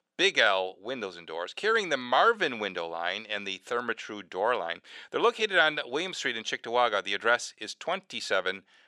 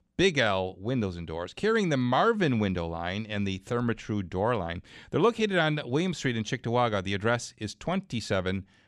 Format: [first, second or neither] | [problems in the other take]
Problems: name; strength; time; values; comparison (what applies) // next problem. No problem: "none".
second | thin; very; fading below 550 Hz